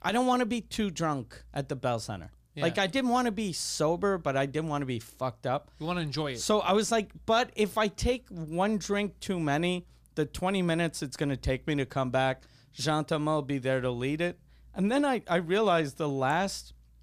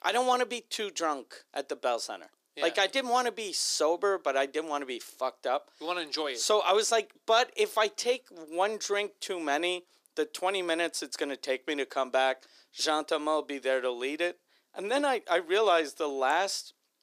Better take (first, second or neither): first